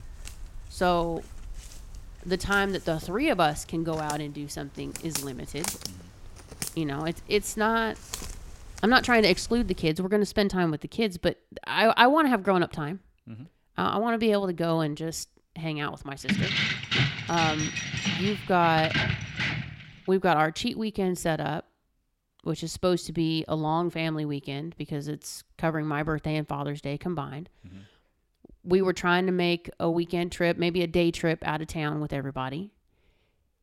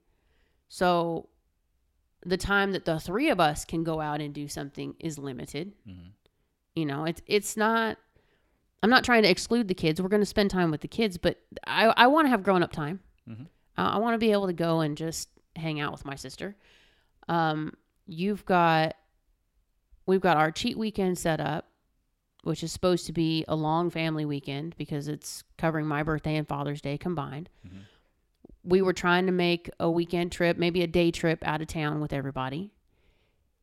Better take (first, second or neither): second